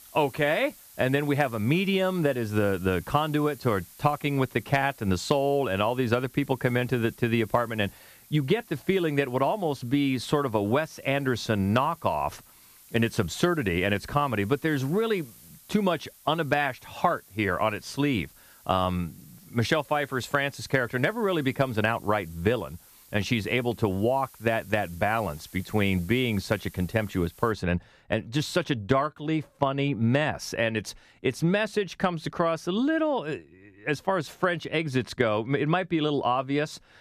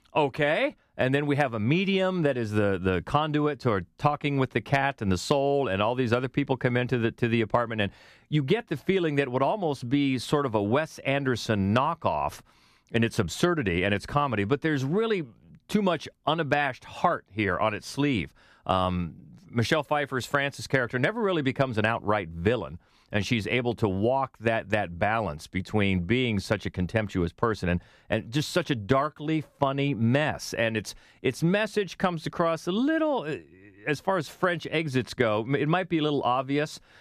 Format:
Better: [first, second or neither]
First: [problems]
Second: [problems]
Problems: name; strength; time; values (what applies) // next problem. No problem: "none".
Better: second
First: hiss; faint; until 28 s; 25 dB below the speech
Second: none